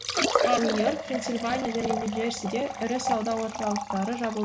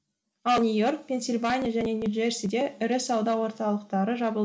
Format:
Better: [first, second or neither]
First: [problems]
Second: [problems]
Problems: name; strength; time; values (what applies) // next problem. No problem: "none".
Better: second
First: background sound (Liquid); 1 dB below the speech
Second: none